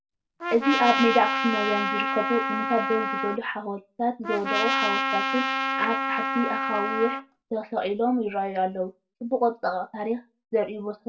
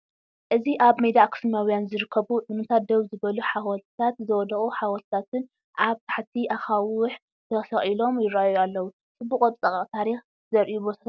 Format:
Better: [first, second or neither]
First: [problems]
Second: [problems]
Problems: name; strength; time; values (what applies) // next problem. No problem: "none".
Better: second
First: background sound (Trumpet); as loud as the speech // room echo; dies away in 0.2 s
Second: none